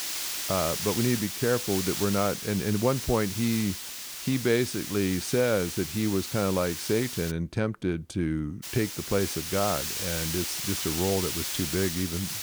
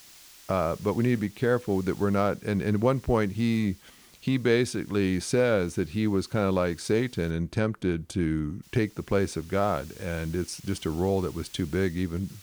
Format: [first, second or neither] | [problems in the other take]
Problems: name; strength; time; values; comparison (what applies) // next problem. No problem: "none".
second | hiss; loud; until 7.5 s and from 8.5 s on; 3 dB below the speech; faint in the second